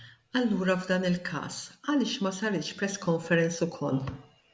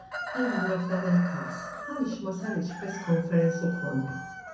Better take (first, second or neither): first